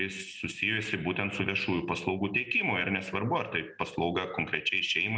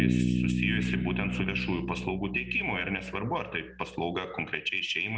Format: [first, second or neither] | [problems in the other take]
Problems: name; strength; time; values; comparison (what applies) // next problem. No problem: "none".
first | background sound (Bass guitar); as loud as the speech